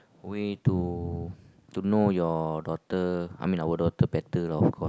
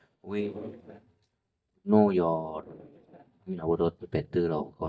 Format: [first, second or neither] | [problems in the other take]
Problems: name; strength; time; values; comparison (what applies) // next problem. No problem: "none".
first | noise reduction (neural mask model DeepFilterNet 3)